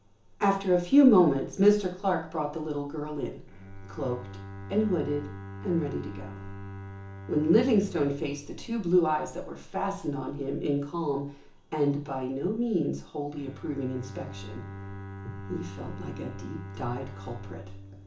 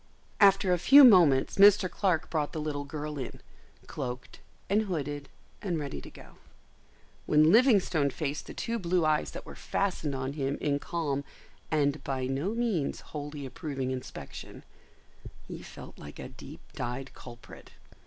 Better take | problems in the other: second | background sound (Bowed string instrument); 15 dB below the speech // room echo; dies away in 0.7 s

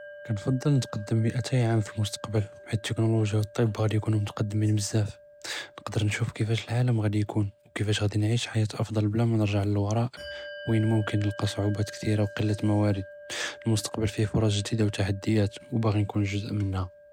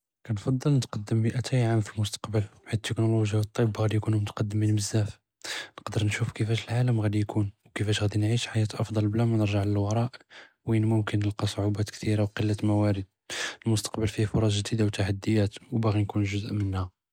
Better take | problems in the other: second | background sound (Bell); 20 dB below the speech

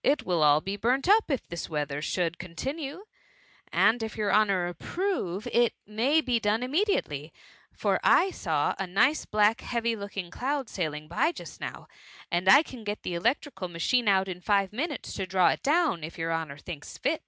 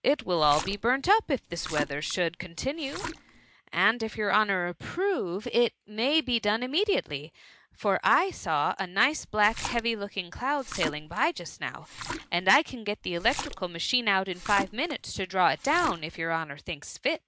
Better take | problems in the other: first | background sound (Splash, splatter); 12 dB below the speech

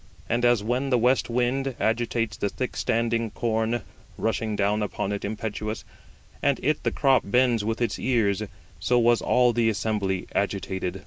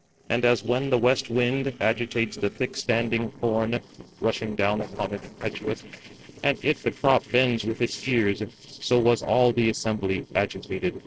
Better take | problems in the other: first | noise reduction (neural separator model SepFormer DNS4)

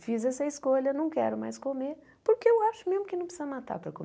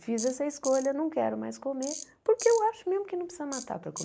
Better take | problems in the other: first | noise reduction (neural mask model Resemble Enhance denoiser)

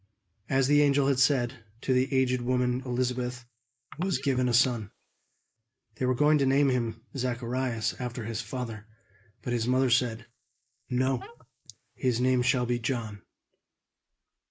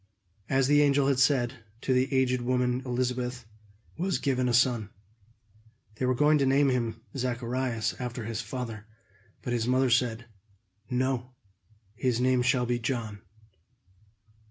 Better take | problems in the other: second | noise reduction (neural mask model Resemble Enhance denoiser)

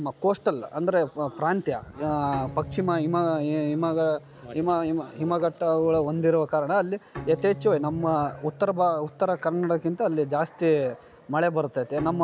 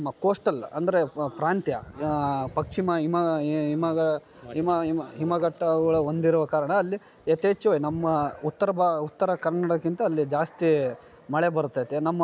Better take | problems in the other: second | background sound (Bowed string instrument); 18 dB below the speech

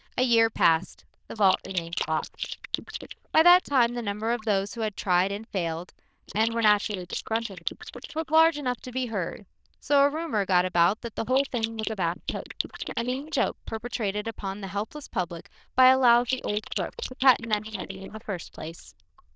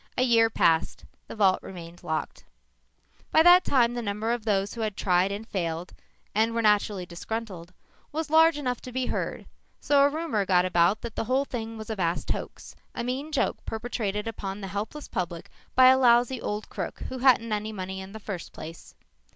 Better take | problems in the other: second | noise reduction (neural diffusion model UNIVERSE++)

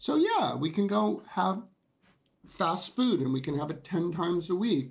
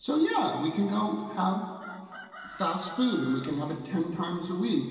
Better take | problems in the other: first | background sound (Chicken, rooster); 16 dB below the speech // room echo; dies away in 2.4 s

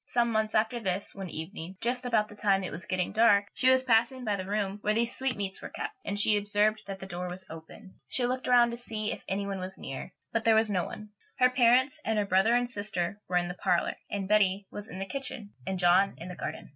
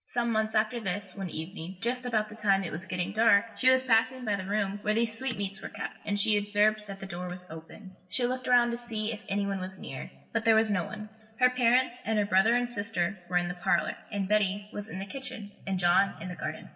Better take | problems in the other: first | room echo; dies away in 2.1 s

